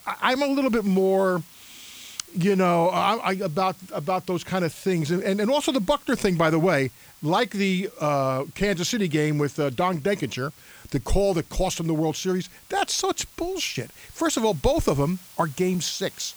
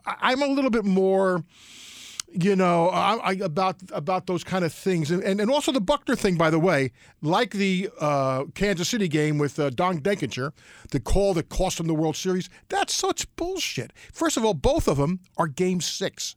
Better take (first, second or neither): second